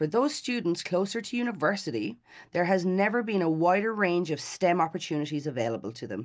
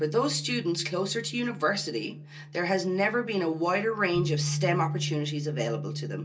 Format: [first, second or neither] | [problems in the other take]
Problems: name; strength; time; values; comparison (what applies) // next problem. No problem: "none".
first | background sound (Bass guitar); 6 dB below the speech // room echo; dies away in 0.2 s